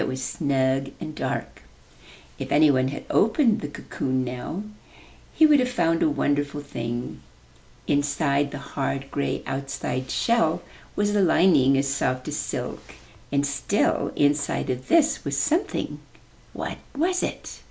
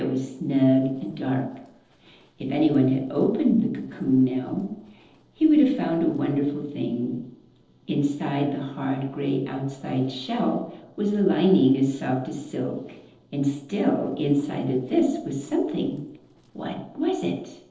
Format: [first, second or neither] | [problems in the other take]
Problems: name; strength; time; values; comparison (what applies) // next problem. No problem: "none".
first | noise reduction (neural separator model SepFormer DNS4)